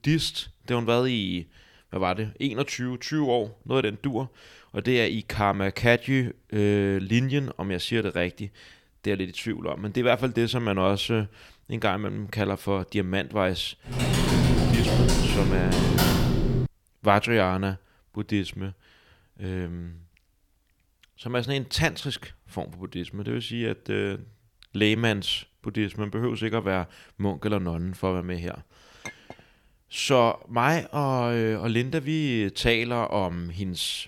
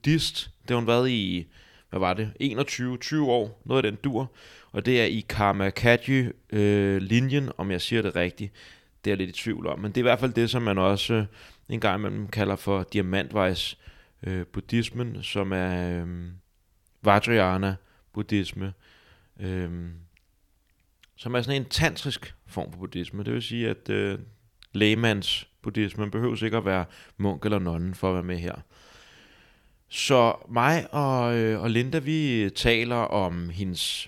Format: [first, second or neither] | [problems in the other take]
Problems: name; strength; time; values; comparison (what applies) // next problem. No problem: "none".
second | keyboard typing; loud; from 14 to 17 s; peak 5 dB above the speech // clattering dishes; faint; at 29 s; peak 15 dB below the speech